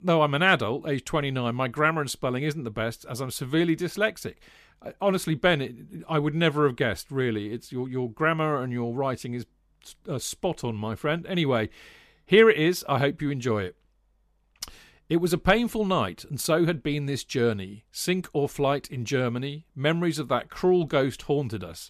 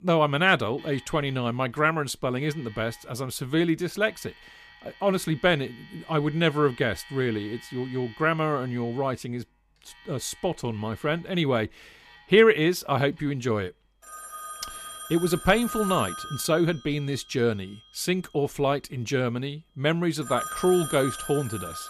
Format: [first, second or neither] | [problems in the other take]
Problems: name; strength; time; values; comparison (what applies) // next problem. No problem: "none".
first | alarms or sirens; noticeable; throughout; 15 dB below the speech